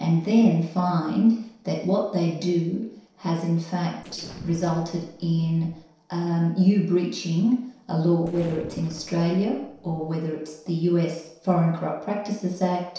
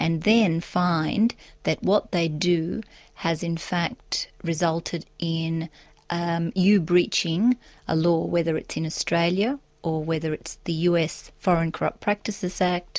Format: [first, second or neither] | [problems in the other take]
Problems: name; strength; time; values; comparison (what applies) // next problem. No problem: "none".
second | noise reduction (neural separator model SepFormer DNS4)